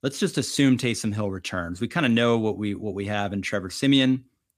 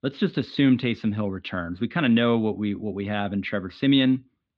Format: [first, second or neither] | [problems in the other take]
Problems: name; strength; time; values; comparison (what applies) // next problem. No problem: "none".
first | muffled; slightly; fading above 3.5 kHz